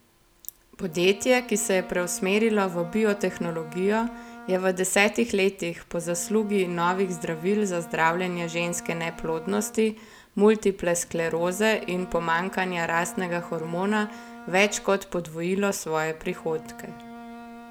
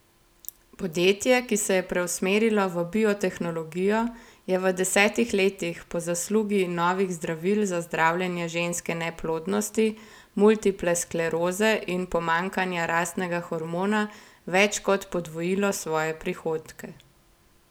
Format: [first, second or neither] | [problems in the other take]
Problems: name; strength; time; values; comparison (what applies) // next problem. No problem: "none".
second | background sound (Bowed string instrument); 18 dB below the speech